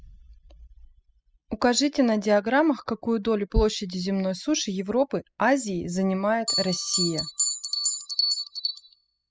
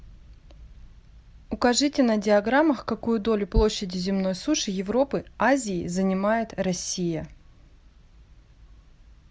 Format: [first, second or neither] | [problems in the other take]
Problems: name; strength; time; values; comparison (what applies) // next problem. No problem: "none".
second | noise reduction (classical method spectral subtraction)